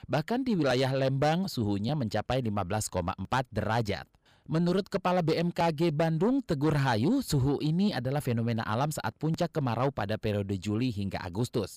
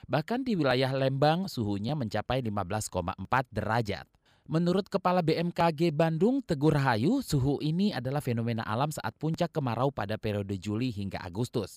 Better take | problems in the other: second | distortion; slight; 10 dB below the speech

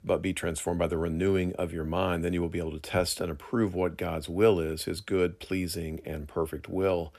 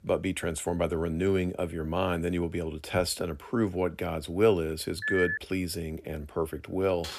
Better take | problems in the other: first | phone ringing; loud; at 5 s; peak level with the speech // keyboard typing; very faint; at 7 s; peak 10 dB below the speech

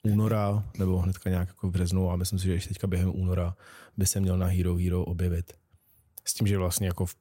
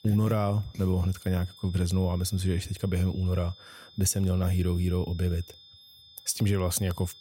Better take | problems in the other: first | high-pitched whine; faint; throughout; 3.5 kHz, 20 dB below the speech

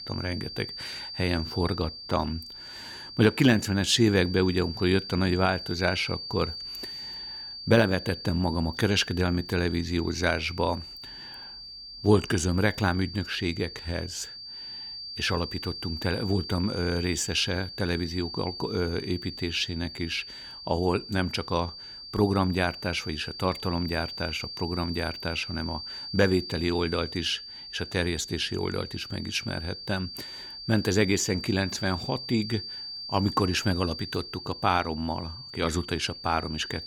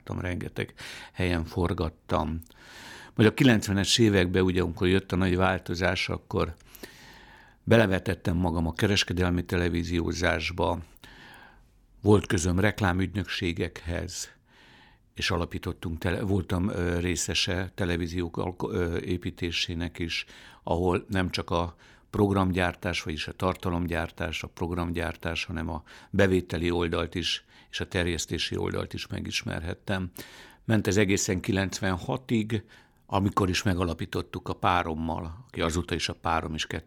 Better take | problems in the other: second | high-pitched whine; loud; throughout; 4.5 kHz, 10 dB below the speech

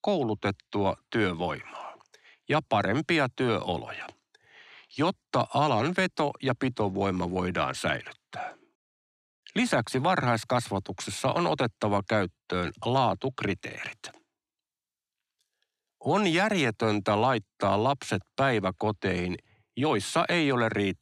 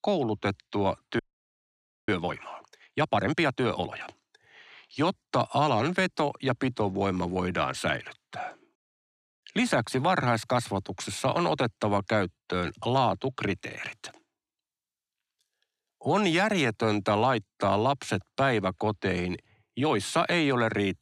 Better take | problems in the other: first | audio freezing; at 1 s for 1 s

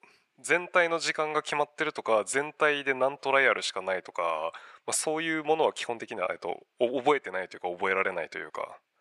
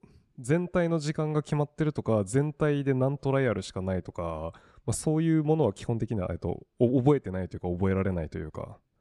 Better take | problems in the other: second | thin; very; fading below 750 Hz

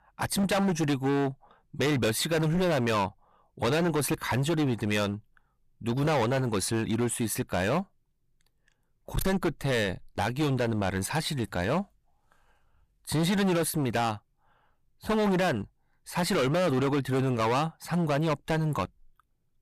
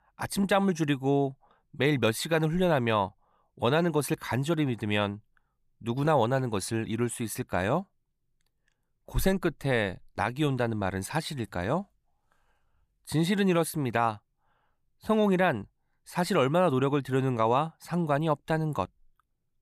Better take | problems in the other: second | distortion; heavy; 16% of the sound clipped

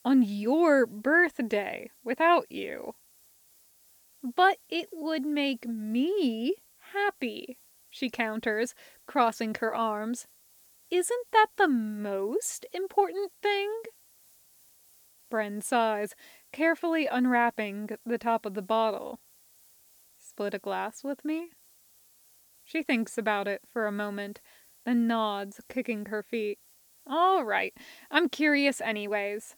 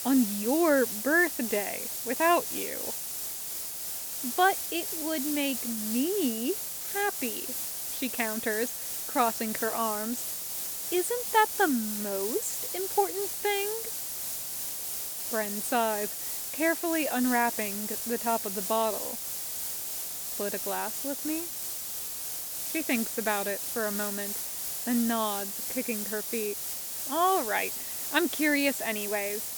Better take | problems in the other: first | hiss; loud; throughout; 2 dB below the speech; faint in the first

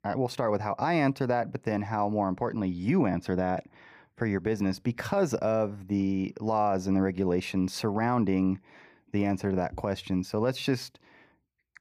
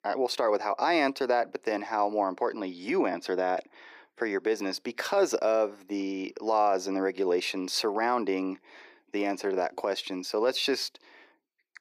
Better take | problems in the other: first | thin; somewhat; fading below 350 Hz

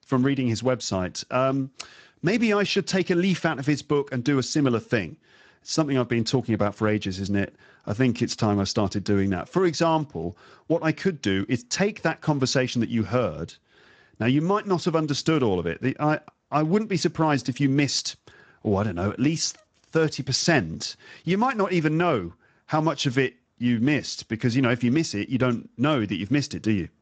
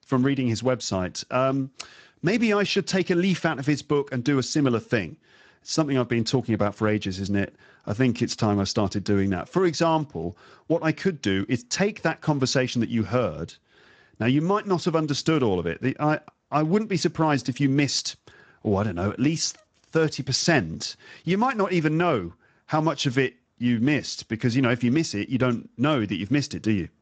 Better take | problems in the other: neither | garbled, watery; slightly; nothing above 7.5 kHz; the same in both

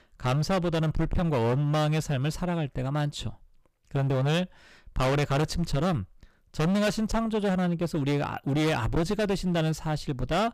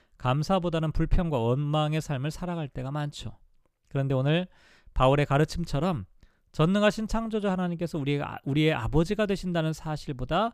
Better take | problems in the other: second | distortion; heavy; 20% of the sound clipped

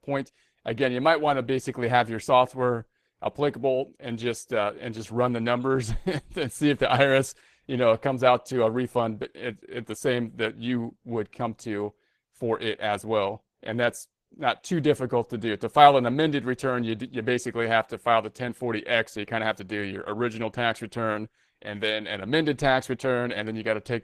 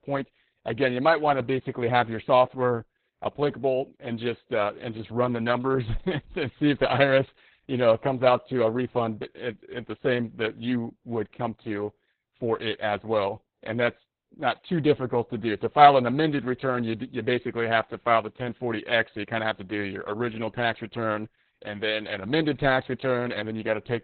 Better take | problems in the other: first | garbled, watery; badly; nothing above 4 kHz; slightly in the first

